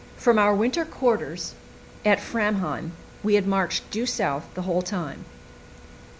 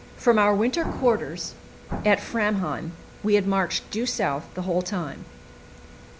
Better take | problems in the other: first | background sound (Explosion); 11 dB below the speech

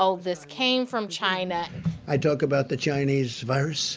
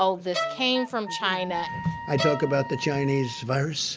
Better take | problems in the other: first | background sound (Wind instrument, woodwind instrument + Bowed string instrument); 8 dB below the speech

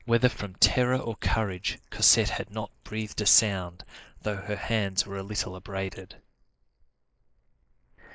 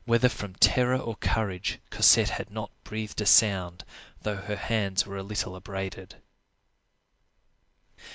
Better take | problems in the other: second | noise reduction (neural mask model Resemble Enhance denoiser)

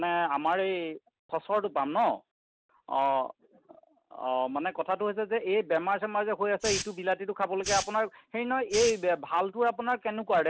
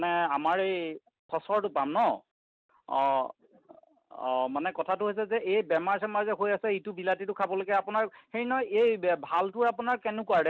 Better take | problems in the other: second | background sound (Hiss); 9 dB below the speech

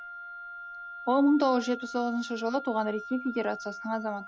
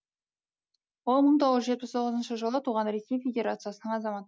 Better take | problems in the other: second | background sound (Wind instrument, woodwind instrument); 12 dB below the speech

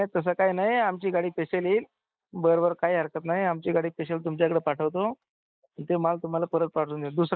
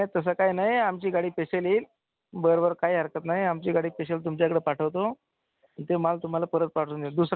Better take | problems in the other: second | noise reduction (neural mask model Resemble Enhance denoiser)

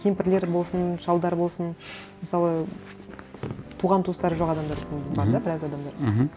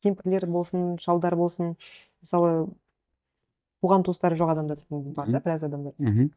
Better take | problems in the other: first | noise reduction (neural mask model DeepFilterNet 3)

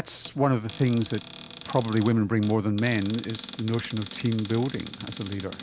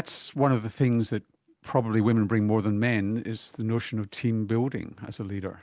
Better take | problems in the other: second | background sound (Cupboard open or close); 15 dB below the speech

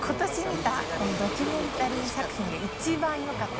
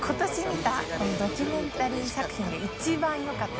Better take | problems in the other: second | background sound (Ocean); 9 dB below the speech

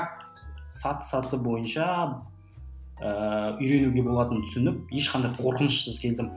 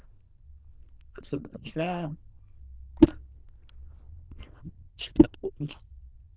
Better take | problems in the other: first | noise reduction (neural diffusion model UNIVERSE++)

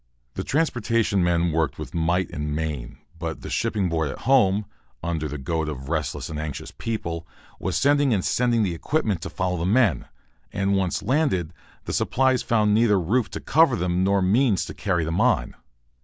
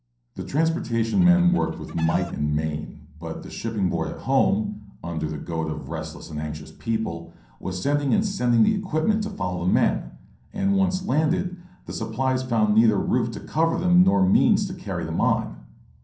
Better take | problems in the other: first | background sound (Chicken, rooster); 20 dB below the speech // room echo; dies away in 0.6 s

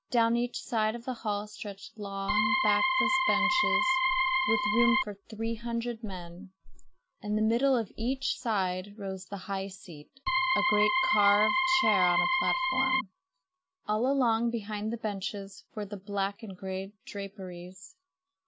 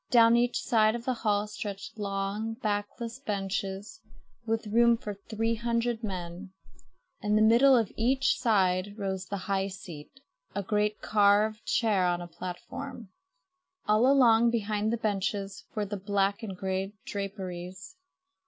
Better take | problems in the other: second | background sound (Organ); 5 dB above the speech

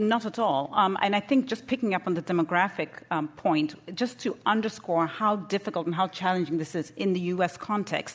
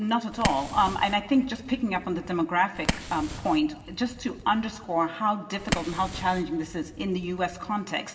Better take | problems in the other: first | background sound (Fire); 9 dB below the speech // room echo; dies away in 2.4 s

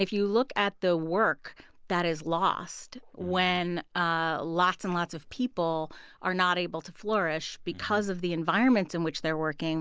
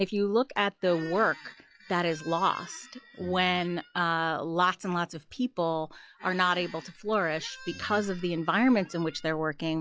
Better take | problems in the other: first | noise reduction (classical method log-MMSE)

